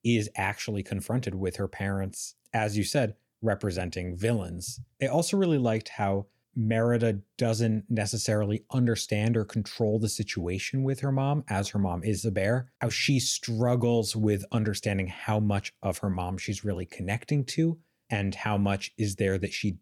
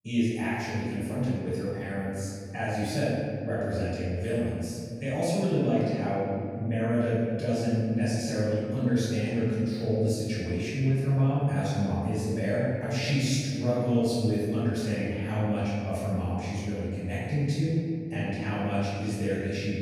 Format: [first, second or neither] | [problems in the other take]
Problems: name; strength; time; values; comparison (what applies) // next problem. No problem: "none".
first | off-mic speech; far // room echo; strong; dies away in 2.5 s